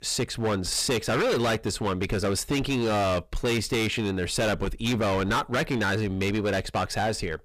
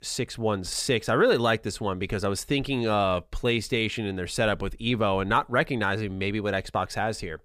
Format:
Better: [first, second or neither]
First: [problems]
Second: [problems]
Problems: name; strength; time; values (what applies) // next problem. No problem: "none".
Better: second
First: distortion; heavy; 21% of the sound clipped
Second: none